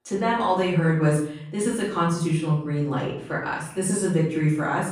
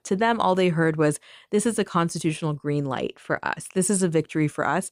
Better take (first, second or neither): second